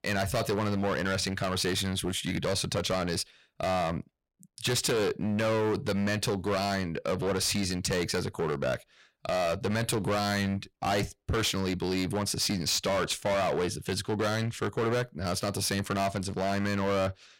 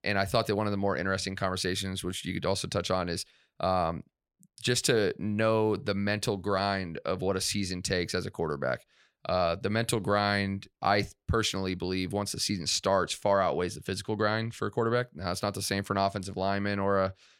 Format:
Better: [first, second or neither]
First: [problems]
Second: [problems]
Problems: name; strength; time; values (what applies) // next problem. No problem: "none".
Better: second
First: distortion; heavy; 19% of the sound clipped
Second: none